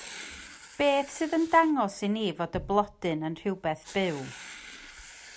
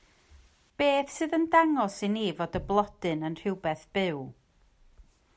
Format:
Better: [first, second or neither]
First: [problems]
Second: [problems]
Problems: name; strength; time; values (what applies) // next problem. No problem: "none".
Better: second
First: background sound (Writing); 19 dB below the speech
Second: none